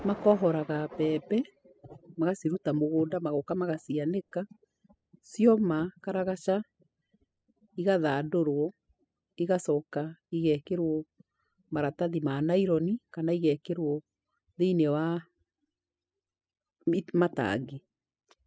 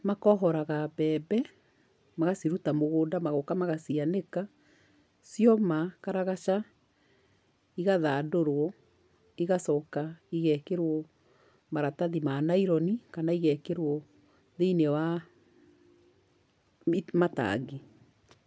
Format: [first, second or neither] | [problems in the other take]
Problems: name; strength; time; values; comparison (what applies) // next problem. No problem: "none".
second | noise reduction (classical method spectral subtraction)